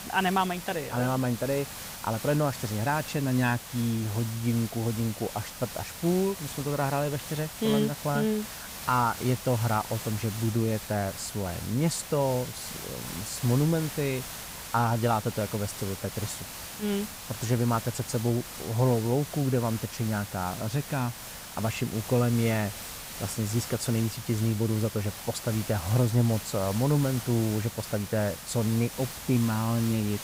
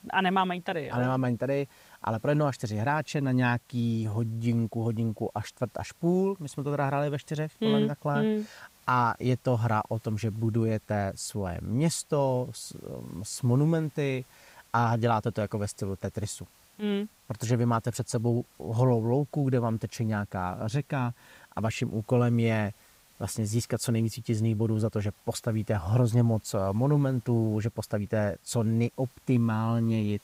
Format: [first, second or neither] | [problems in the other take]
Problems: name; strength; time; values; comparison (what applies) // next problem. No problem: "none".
second | hiss; loud; throughout; 9 dB below the speech; faint in the second